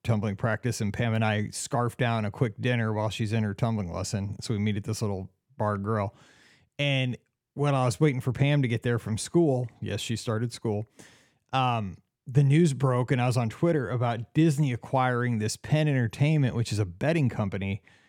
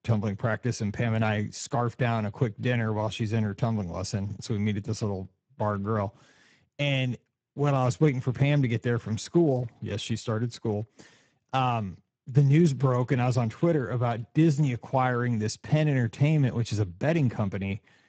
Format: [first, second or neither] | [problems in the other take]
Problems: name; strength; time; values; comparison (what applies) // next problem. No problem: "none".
first | garbled, watery; badly; nothing above 8 kHz